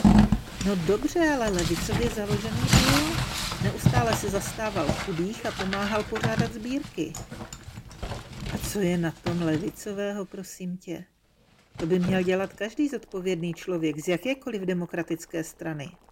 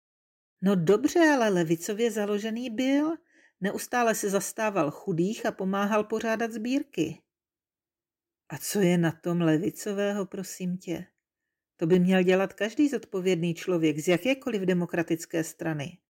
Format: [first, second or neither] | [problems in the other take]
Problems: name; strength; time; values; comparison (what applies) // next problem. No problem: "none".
second | household noises; very loud; throughout; 1 dB above the speech